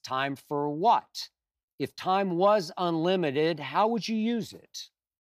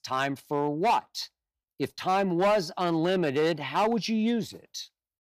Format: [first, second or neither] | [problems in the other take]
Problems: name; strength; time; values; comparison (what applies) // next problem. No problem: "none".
first | distortion; slight; 5% of the sound clipped